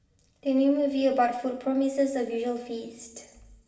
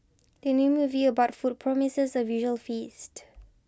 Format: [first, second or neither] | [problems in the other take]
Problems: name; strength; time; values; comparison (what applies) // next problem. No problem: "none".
second | room echo; dies away in 1.1 s